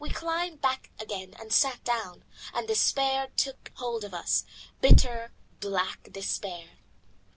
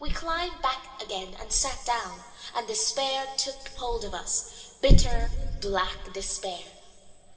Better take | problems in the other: first | background sound (Bird); 13 dB below the speech // room echo; dies away in 2 s

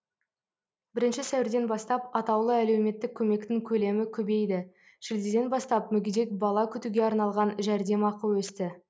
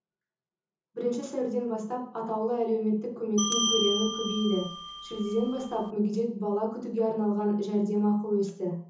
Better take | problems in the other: first | background sound (Bell); 3 dB below the speech // room echo; dies away in 0.6 s

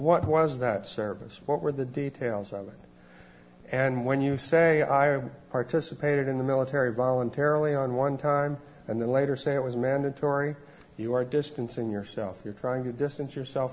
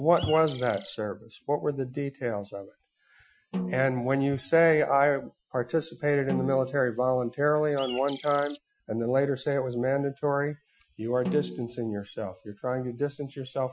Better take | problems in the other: first | noise reduction (classical method Wiener filter)

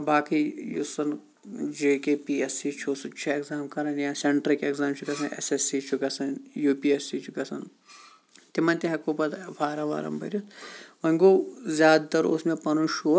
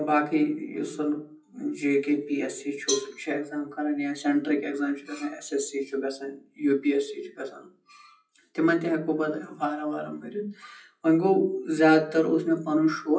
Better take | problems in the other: first | noise reduction (classical method WPE with log-MMSE)

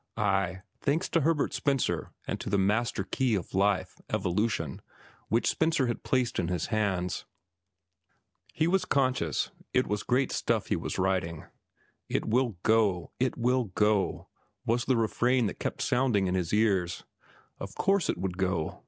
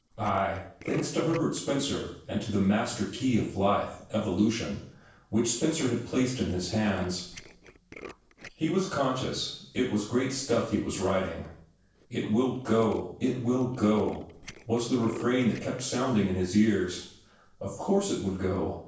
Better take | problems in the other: first | noise reduction (neural separator model SepFormer DNS4)

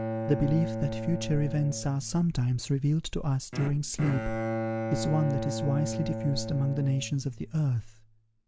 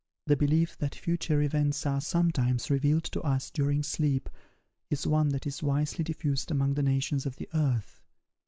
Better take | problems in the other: second | background sound (Bowed string instrument); 6 dB below the speech

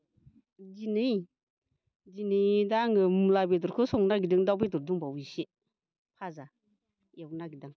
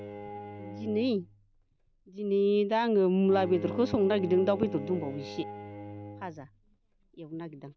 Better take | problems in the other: first | background sound (Bowed string instrument); 13 dB below the speech

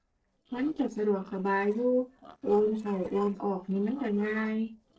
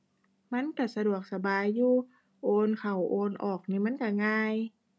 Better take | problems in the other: second | noise reduction (neural separator model SepFormer DNS4)

